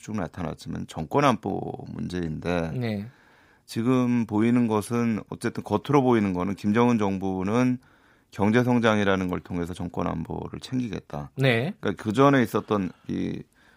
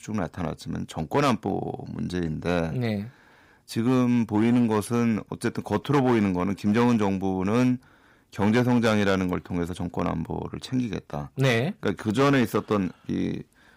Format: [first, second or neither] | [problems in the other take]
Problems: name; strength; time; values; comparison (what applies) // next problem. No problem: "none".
first | distortion; slight; 5% of the sound clipped